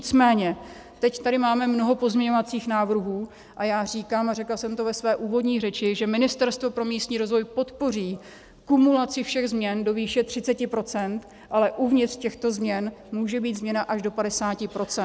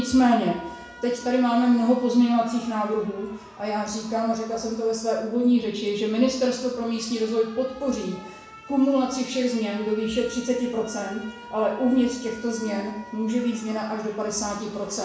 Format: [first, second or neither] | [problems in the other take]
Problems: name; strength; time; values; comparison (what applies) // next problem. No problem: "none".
first | background sound (Alarm); 20 dB below the speech // room echo; dies away in 0.7 s